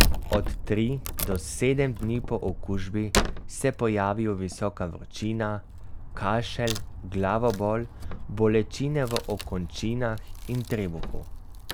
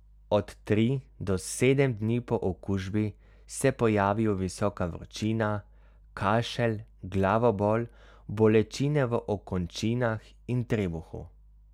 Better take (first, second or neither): second